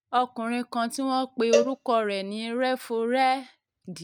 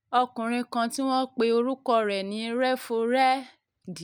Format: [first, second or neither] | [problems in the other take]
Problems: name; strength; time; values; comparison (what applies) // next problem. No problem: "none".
second | noise reduction (neural mask model RNNoise)